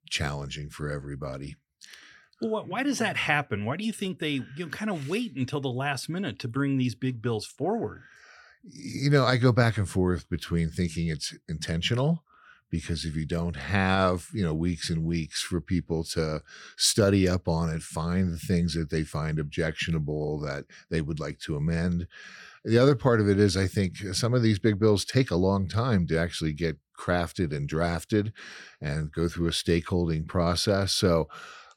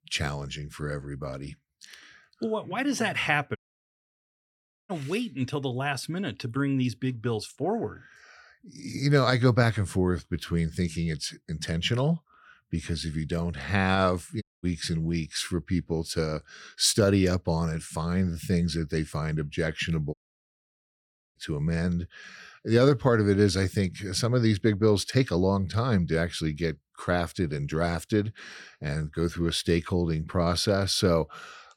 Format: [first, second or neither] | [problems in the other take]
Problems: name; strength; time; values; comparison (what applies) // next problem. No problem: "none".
first | audio cutting out; at 3.5 s for 1.5 s, at 14 s and at 20 s for 1 s